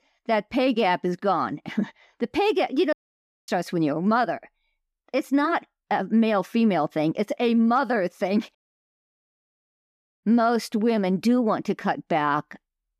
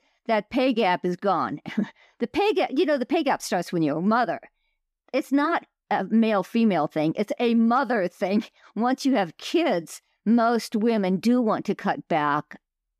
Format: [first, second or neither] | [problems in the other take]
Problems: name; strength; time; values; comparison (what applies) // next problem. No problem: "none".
second | audio cutting out; at 3 s for 0.5 s and at 8.5 s for 1.5 s